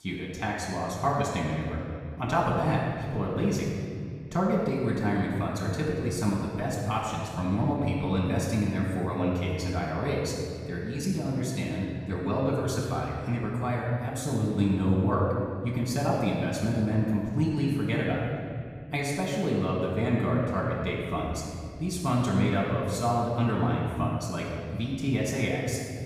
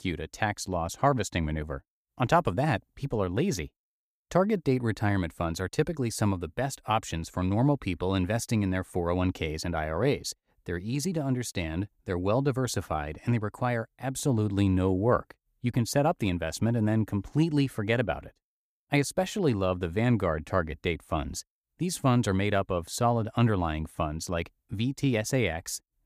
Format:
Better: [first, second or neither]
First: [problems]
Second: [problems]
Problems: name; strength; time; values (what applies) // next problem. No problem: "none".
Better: second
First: off-mic speech; far // room echo; noticeable; dies away in 2.1 s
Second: none